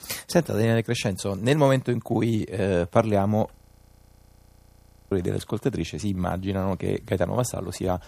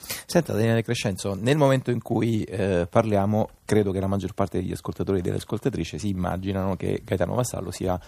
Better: second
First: audio freezing; at 3.5 s for 1.5 s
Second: none

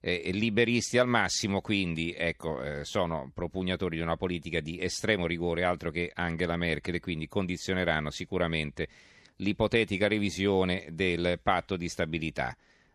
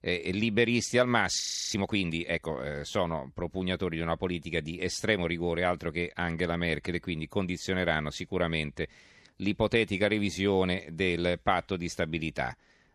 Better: first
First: none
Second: audio freezing; at 1.5 s

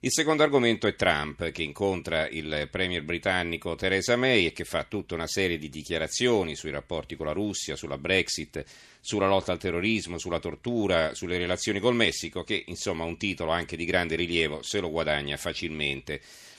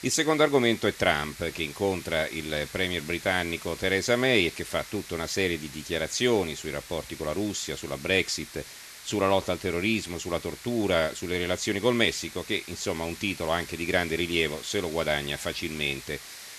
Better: first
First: none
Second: hiss; noticeable; throughout; 15 dB below the speech

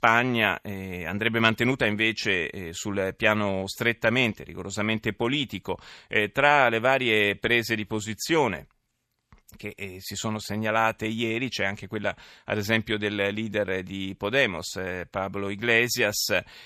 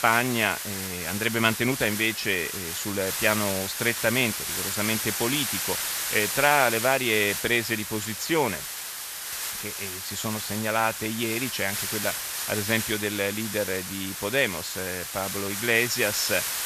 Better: first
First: none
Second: hiss; loud; throughout; 3 dB below the speech

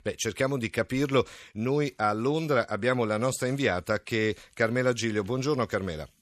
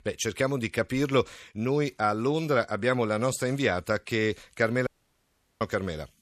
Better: first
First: none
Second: audio cutting out; at 5 s for 0.5 s

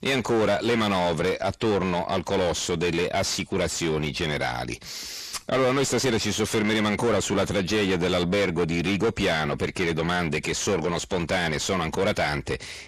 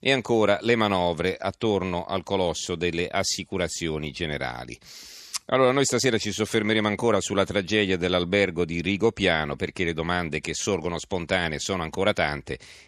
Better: second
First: distortion; heavy; 6 dB below the speech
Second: none

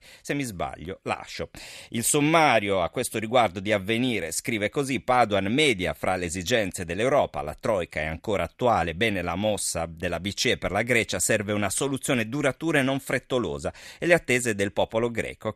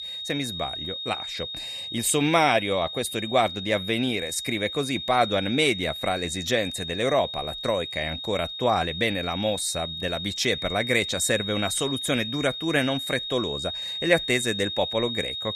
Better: first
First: none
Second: high-pitched whine; loud; throughout; 3.5 kHz, 6 dB below the speech

